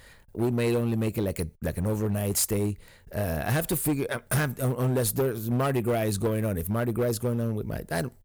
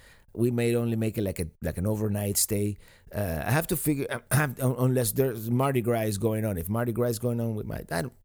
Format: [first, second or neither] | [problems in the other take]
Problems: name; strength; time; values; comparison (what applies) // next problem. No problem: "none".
second | distortion; slight; 9% of the sound clipped